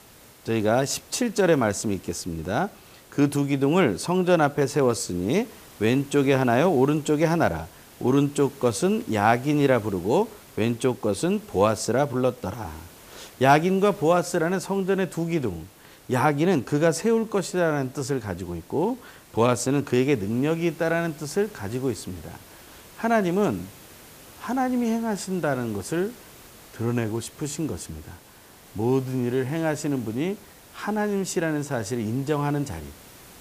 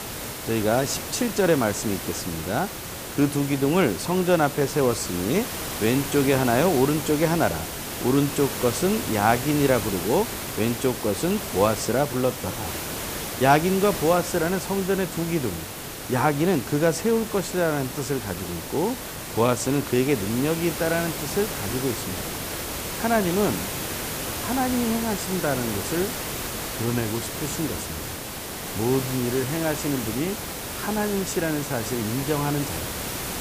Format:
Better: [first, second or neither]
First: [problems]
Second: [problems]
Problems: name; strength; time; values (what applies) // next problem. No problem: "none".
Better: first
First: hiss; faint; throughout; 25 dB below the speech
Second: hiss; loud; throughout; 6 dB below the speech